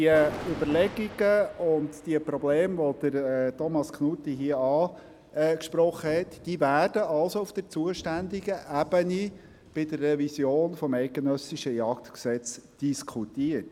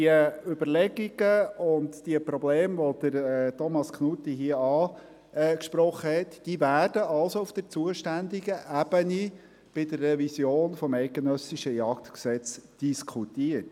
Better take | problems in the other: second | background sound (Thunder); 20 dB below the speech

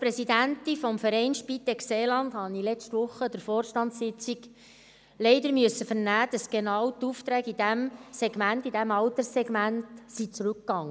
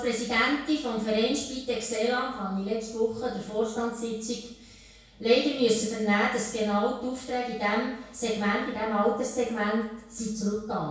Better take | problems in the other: first | room echo; dies away in 0.6 s

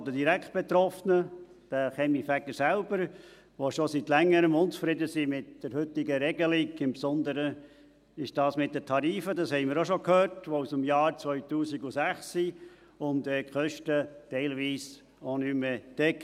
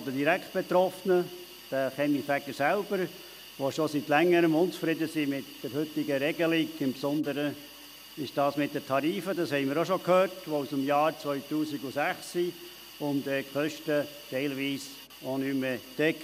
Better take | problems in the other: first | background sound (Hiss); 19 dB below the speech

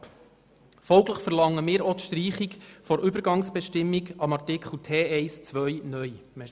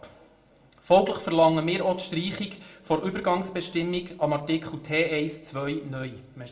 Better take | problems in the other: first | room echo; dies away in 0.4 s

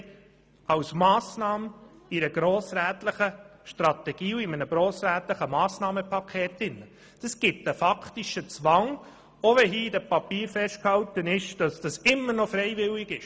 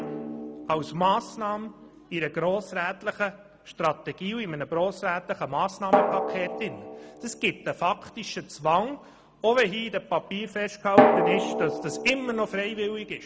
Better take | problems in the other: first | background sound (Drum); 2 dB below the speech

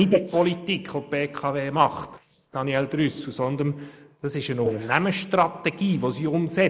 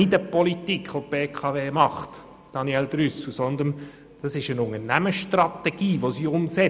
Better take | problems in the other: second | noise reduction (neural mask model Resemble Enhance denoiser)

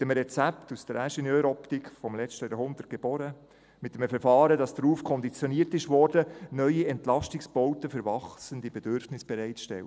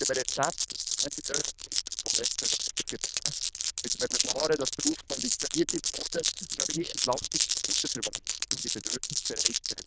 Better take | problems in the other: first | noise reduction (neural diffusion model UNIVERSE++)

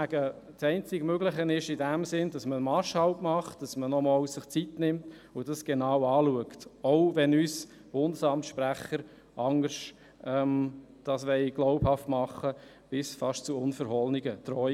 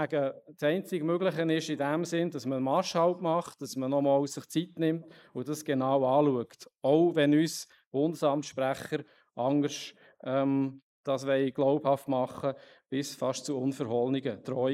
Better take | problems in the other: first | noise reduction (neural mask model Resemble Enhance denoiser)

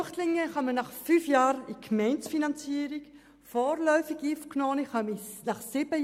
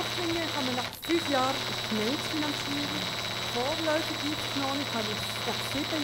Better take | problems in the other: first | background sound (Tools); as loud as the speech

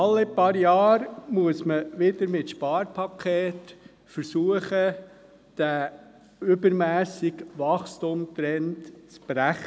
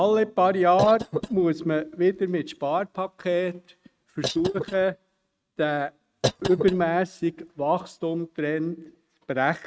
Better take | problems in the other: first | noise reduction (neural mask model RNNoise)

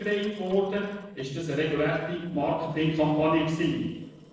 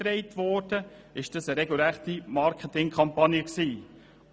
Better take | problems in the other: second | noise reduction (neural separator model SepFormer DNS4)

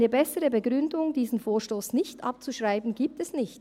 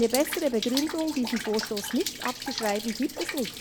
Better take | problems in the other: first | background sound (Rain); 7 dB below the speech

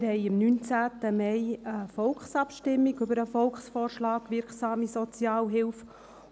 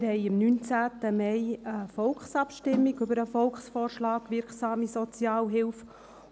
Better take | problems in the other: first | background sound (Snare drum); 7 dB below the speech

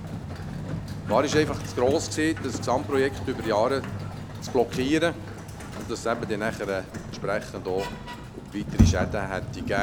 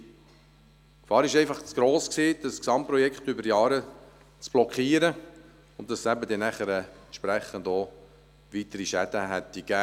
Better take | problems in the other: second | background sound (Sliding door); 3 dB below the speech

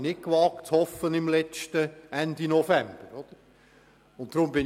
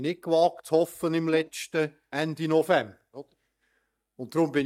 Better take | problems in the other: first | noise reduction (neural mask model DeepFilterNet 3)

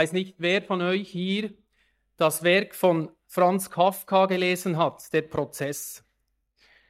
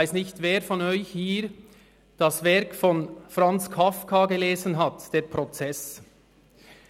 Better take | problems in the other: second | noise reduction (neural mask model DeepFilterNet 3)

